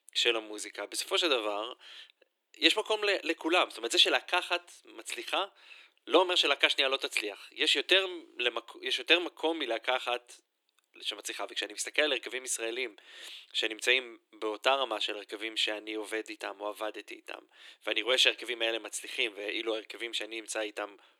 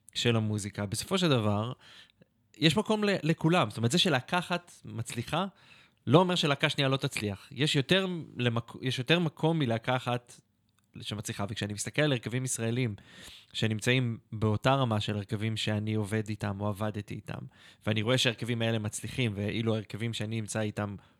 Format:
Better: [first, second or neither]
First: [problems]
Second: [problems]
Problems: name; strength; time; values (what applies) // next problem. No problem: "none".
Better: second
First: thin; very; fading below 350 Hz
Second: none